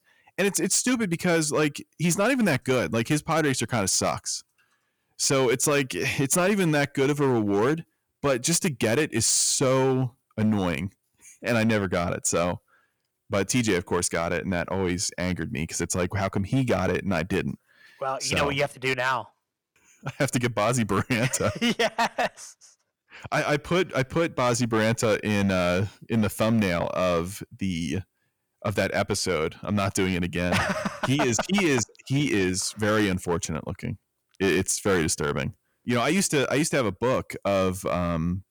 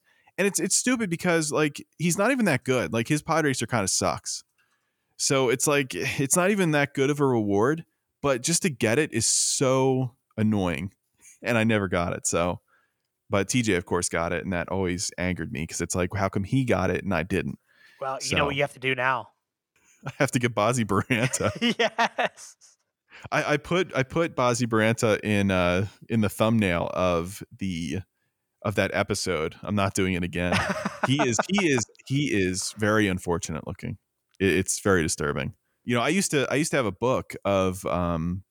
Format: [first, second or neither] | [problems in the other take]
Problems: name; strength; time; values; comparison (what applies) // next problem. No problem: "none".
second | distortion; slight; 6% of the sound clipped